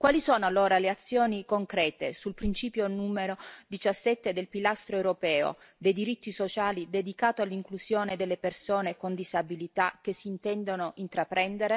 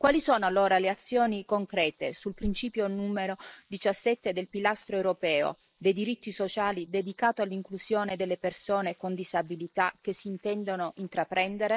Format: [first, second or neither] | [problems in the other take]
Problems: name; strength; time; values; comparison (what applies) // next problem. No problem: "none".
first | noise reduction (neural mask model Resemble Enhance denoiser)